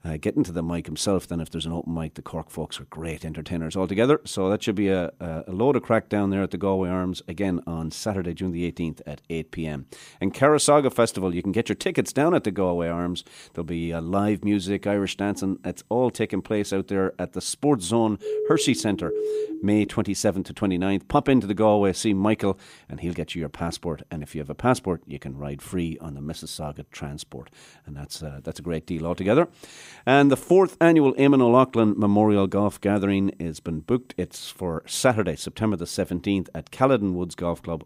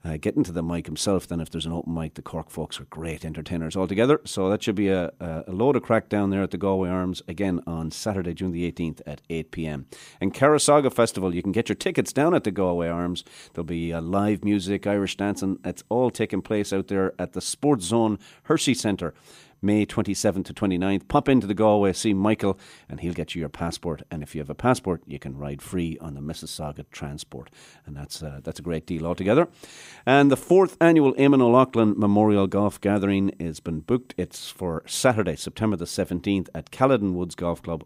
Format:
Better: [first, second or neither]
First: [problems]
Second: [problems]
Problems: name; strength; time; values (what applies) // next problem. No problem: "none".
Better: second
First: siren; noticeable; from 18 to 20 s; peak 3 dB below the speech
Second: none